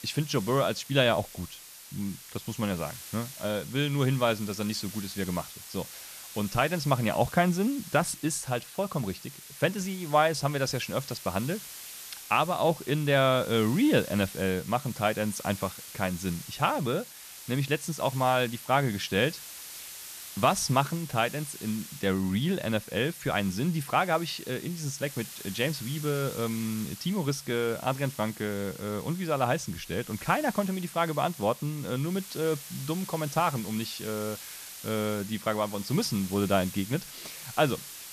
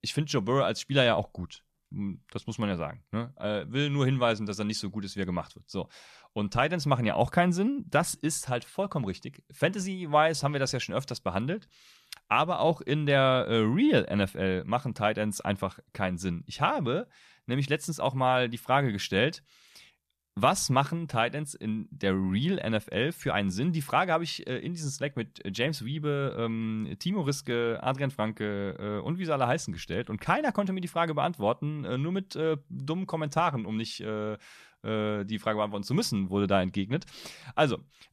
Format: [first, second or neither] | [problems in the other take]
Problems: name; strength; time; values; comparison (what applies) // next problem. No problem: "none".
second | hiss; noticeable; throughout; 15 dB below the speech